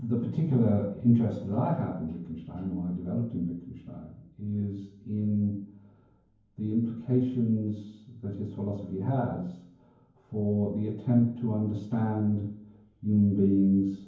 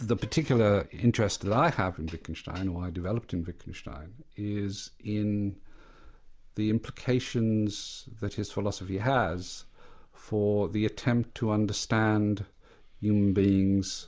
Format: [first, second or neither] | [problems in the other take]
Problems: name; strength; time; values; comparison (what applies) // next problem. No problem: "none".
second | room echo; dies away in 0.9 s